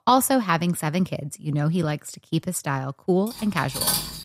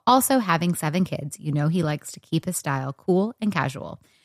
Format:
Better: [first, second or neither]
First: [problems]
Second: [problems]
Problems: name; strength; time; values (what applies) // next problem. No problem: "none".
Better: second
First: clattering dishes; loud; at 3.5 s; peak 2 dB above the speech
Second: none